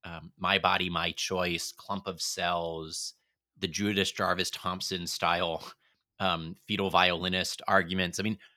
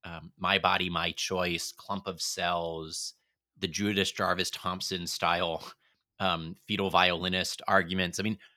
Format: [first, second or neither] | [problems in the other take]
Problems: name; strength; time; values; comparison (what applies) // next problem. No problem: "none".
neither | none